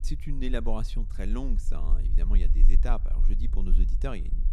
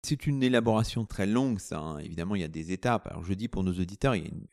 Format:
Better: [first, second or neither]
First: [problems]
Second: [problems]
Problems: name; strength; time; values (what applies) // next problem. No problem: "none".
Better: second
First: low rumble; noticeable; throughout; 15 dB below the speech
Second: none